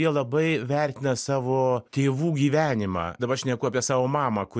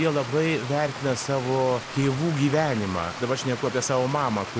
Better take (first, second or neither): first